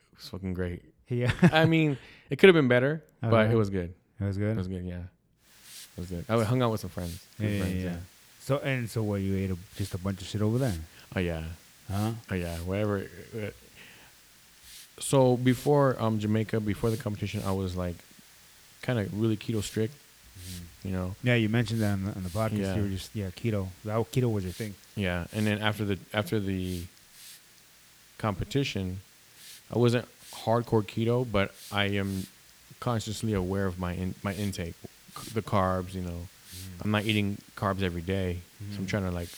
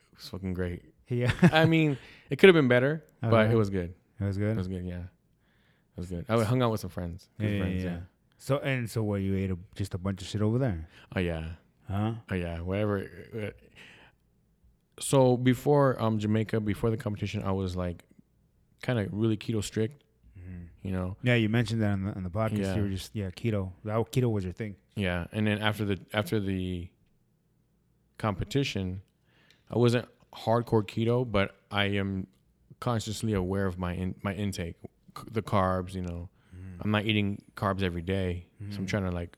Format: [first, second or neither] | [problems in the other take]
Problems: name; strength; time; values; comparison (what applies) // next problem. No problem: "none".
second | hiss; faint; from 5.5 s on; 20 dB below the speech